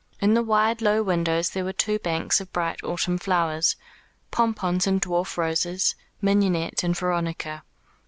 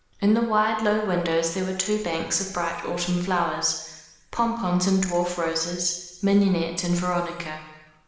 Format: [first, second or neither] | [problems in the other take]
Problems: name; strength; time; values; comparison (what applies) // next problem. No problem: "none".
first | room echo; dies away in 1.1 s